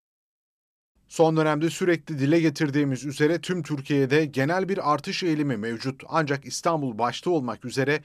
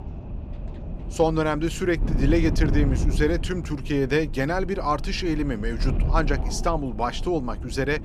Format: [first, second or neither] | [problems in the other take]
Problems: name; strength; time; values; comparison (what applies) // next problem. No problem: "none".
first | wind noise on the microphone; occasional gusts; 15 dB below the speech